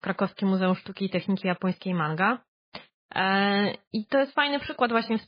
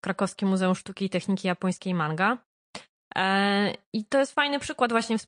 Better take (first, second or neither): second